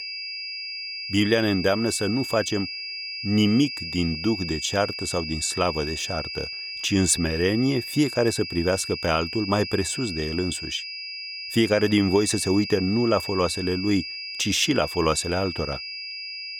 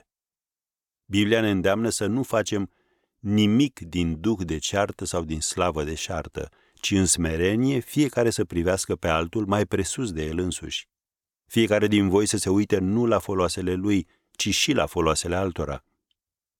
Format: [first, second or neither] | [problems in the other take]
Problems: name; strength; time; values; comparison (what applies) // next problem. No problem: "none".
second | high-pitched whine; loud; throughout; 5 kHz, 7 dB below the speech